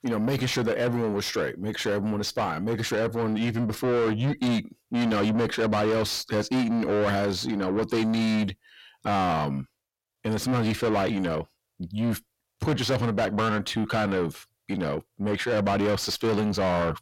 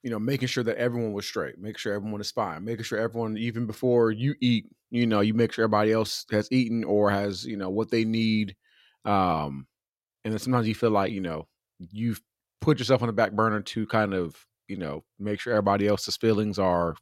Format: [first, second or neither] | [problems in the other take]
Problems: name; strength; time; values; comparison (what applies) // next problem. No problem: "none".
second | distortion; heavy; 6 dB below the speech